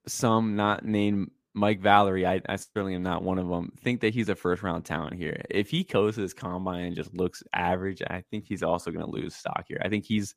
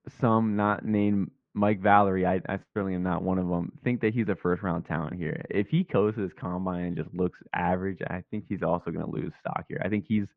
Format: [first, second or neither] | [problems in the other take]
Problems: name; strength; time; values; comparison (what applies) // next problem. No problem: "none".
first | muffled; very; fading above 2 kHz